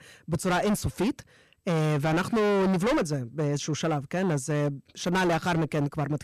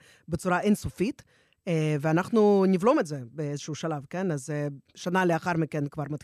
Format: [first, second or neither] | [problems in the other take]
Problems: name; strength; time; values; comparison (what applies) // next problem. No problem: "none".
second | distortion; heavy; 22% of the sound clipped